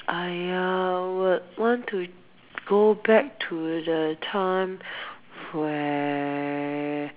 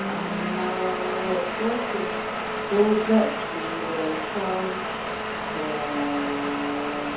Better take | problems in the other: first | background sound (Domestic sounds, home sounds); 2 dB below the speech // room echo; dies away in 0.6 s

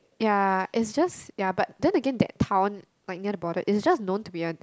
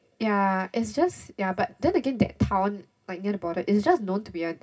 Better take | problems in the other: first | room echo; dies away in 0.4 s

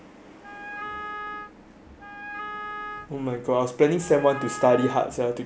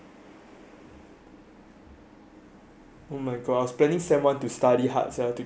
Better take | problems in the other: second | background sound (Wind instrument, woodwind instrument); 11 dB below the speech

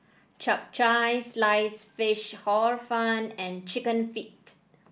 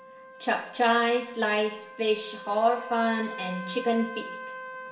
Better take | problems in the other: first | background sound (Trumpet); 13 dB below the speech // room echo; dies away in 0.8 s

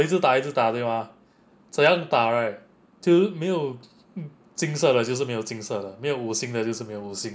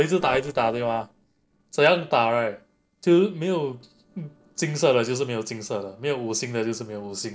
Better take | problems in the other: first | noise reduction (neural separator model SepFormer DNS4)

